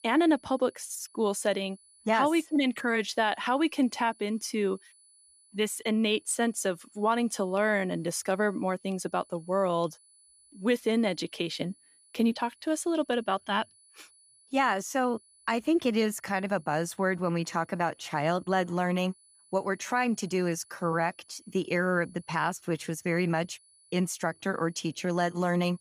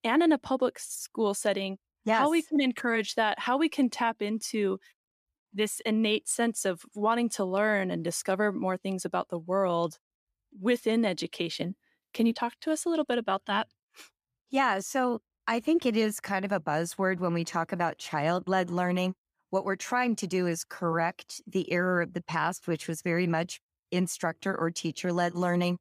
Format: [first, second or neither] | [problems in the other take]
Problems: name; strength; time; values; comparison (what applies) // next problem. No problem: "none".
second | high-pitched whine; faint; throughout; 10 kHz, 30 dB below the speech